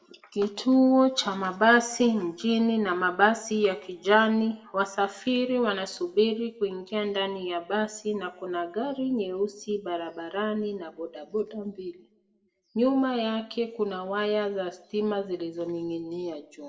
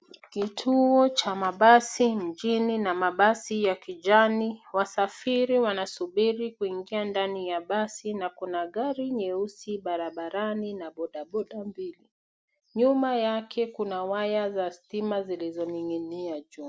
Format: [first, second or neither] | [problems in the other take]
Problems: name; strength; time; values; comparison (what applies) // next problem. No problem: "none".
second | room echo; dies away in 0.6 s